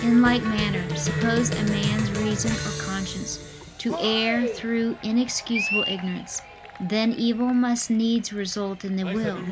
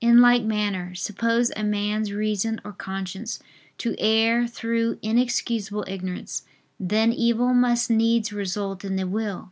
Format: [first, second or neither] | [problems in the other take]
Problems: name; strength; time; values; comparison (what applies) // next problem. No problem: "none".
second | background sound (Cheering); 6 dB below the speech